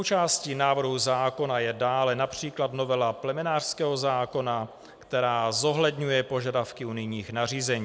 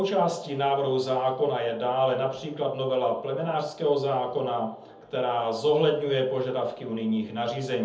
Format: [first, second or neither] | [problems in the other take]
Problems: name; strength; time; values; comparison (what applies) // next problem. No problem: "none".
first | room echo; dies away in 0.7 s